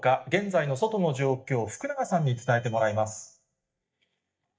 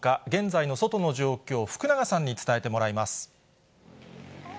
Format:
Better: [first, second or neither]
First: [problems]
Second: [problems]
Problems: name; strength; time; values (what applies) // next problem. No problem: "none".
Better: second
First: noise reduction (neural mask model DeepFilterNet 3)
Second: none